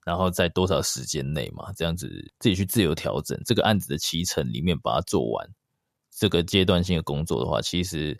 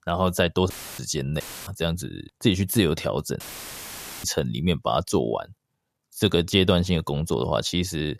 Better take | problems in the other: first | audio cutting out; filled with static; at 0.5 s, at 1.5 s and at 3.5 s for 1 s

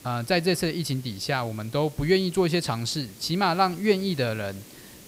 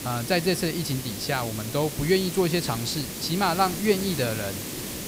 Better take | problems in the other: first | hiss; loud; throughout; 7 dB below the speech; faint in the first

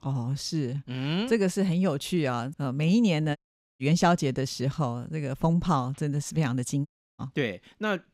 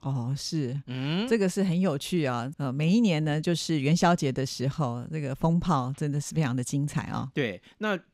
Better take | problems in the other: second | audio cutting out; at 3.5 s and at 7 s

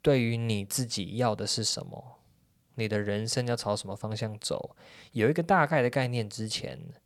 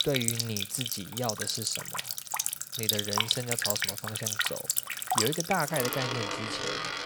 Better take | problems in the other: first | household noises; very loud; throughout; 4 dB above the speech

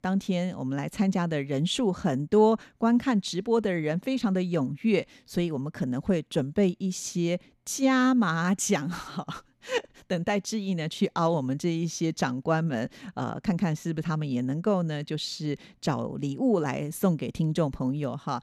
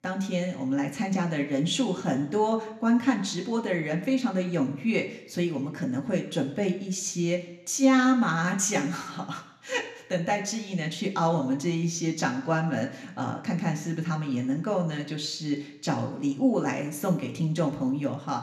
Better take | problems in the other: first | room echo; very slight; dies away in 0.7 s

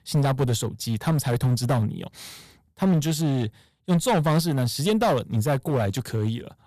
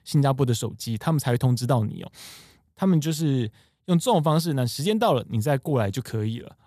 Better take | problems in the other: second | distortion; slight; 9% of the sound clipped

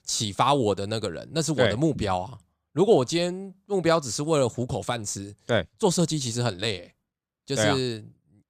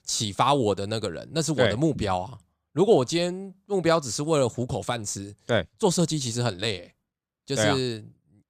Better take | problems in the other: neither | none

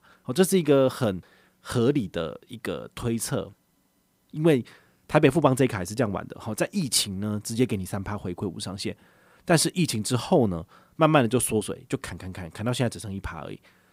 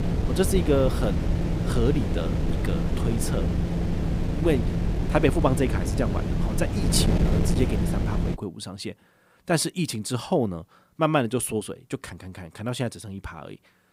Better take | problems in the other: first | wind noise on the microphone; heavy; until 8.5 s; 5 dB below the speech

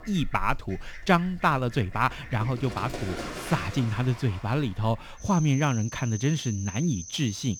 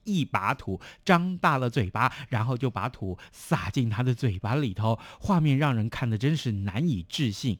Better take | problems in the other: second | animal sounds; noticeable; throughout; 15 dB below the speech

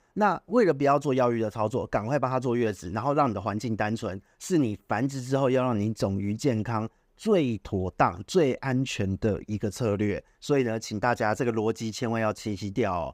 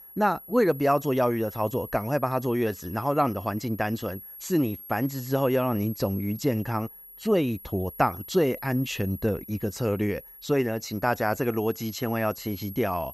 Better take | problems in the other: first | high-pitched whine; noticeable; throughout; 11.5 kHz, 15 dB below the speech

